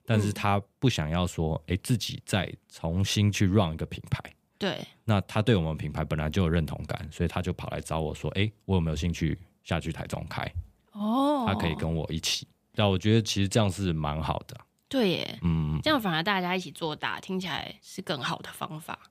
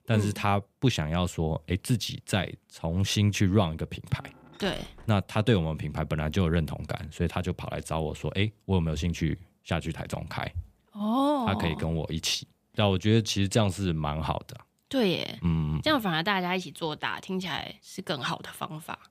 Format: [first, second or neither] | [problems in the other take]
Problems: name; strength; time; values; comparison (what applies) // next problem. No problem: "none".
first | door banging; faint; from 4 to 5 s; peak 15 dB below the speech